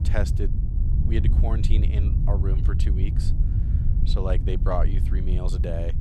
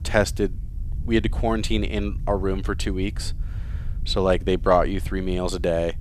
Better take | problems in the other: second | wind noise on the microphone; heavy; 5 dB below the speech; occasional gusts in the second

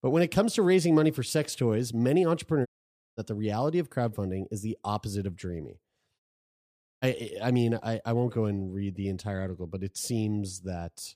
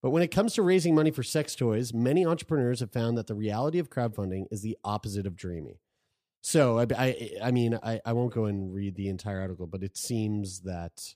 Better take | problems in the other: second | audio cutting out; at 2.5 s for 0.5 s and at 6 s for 1 s

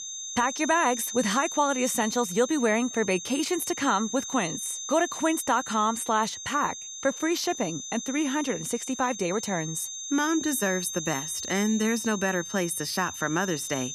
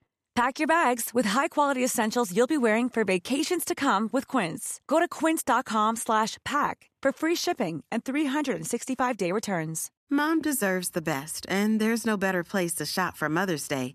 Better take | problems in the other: second | high-pitched whine; loud; throughout; 6.5 kHz, 7 dB below the speech

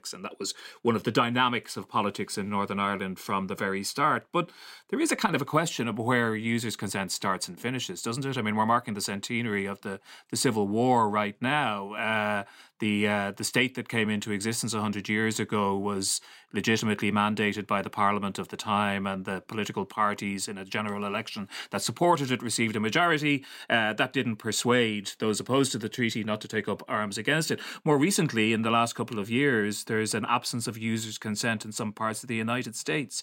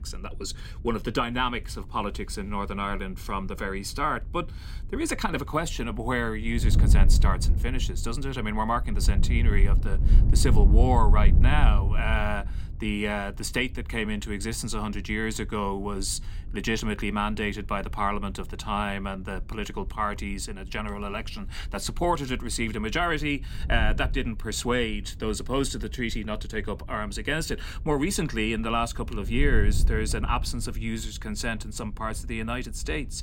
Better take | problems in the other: first | wind noise on the microphone; occasional gusts; 20 dB below the speech

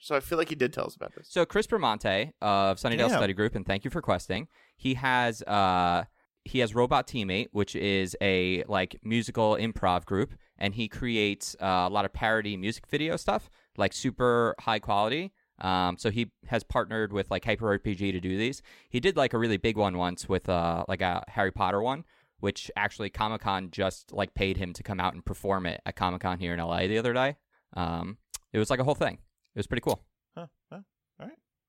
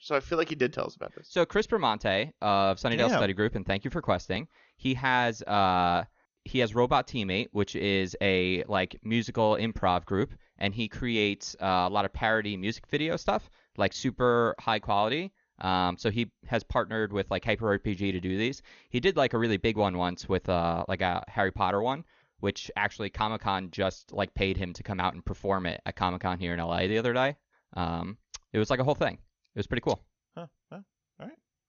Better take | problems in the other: first | garbled, watery; slightly; nothing above 6.5 kHz

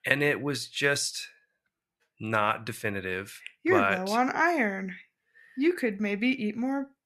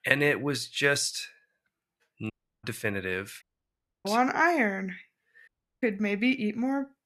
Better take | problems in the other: first | audio cutting out; at 2.5 s, at 3.5 s for 0.5 s and at 5.5 s

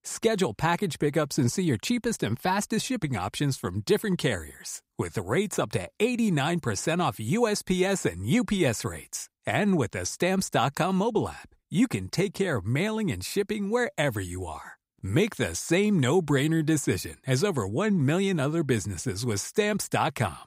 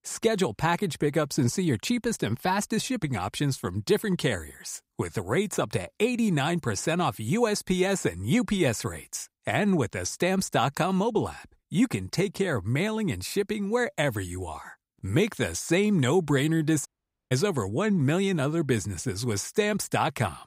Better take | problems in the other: first | audio cutting out; at 17 s

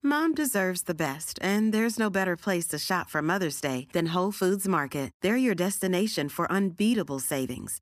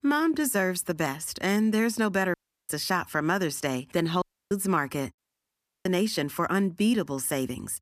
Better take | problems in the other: first | audio cutting out; at 2.5 s, at 4 s and at 5 s for 0.5 s

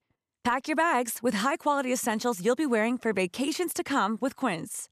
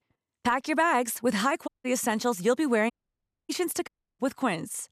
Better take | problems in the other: first | audio cutting out; at 1.5 s, at 3 s for 0.5 s and at 4 s

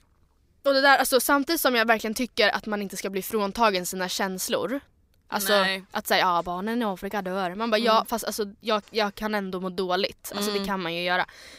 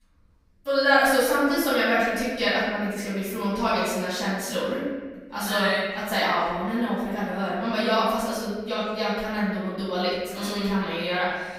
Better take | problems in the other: first | off-mic speech; far // room echo; strong; dies away in 1.4 s

